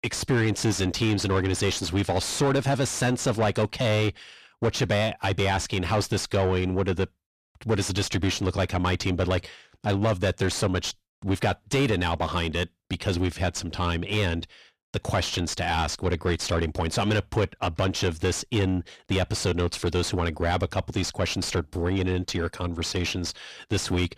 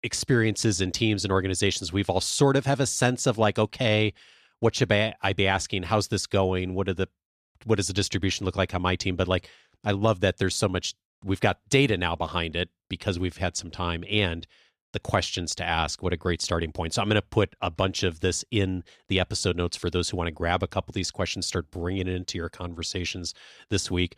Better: second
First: distortion; heavy; 7 dB below the speech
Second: none

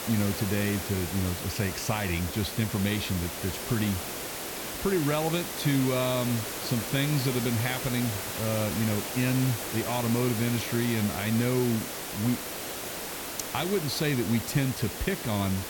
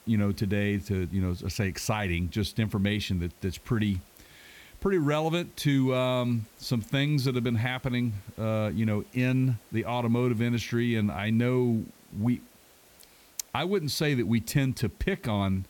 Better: second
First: hiss; loud; throughout; 4 dB below the speech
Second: hiss; faint; throughout; 25 dB below the speech

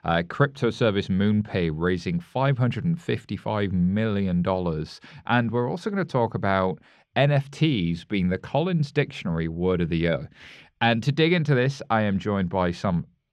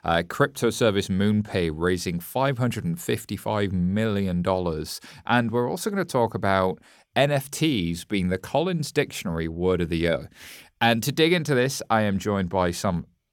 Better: second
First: muffled; very slightly; fading above 3 kHz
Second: none

